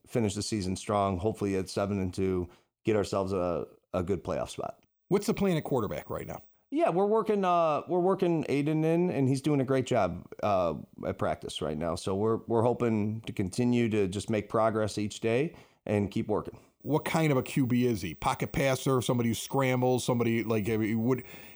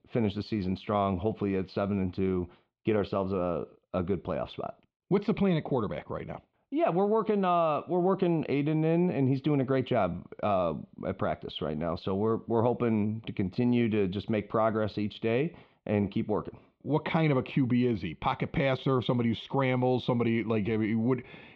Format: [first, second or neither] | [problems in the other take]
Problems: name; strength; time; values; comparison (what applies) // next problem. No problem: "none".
first | muffled; slightly; fading above 4 kHz